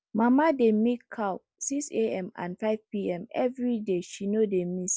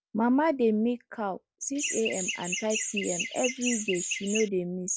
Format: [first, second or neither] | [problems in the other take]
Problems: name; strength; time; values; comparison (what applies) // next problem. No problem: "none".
first | background sound (Chirp, tweet); 4 dB below the speech